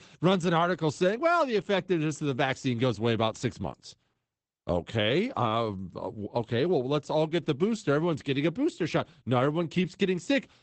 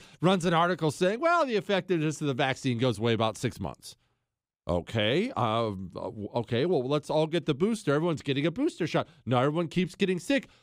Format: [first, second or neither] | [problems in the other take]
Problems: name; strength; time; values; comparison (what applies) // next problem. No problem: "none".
second | garbled, watery; badly; nothing above 8 kHz